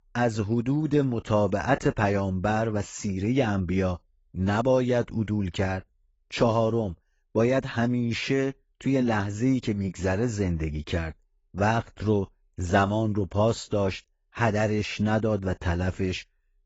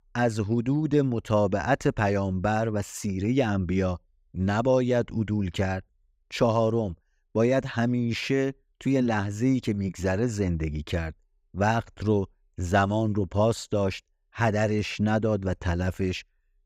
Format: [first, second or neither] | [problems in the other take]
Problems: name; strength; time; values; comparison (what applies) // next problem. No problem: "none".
second | garbled, watery; badly; nothing above 7.5 kHz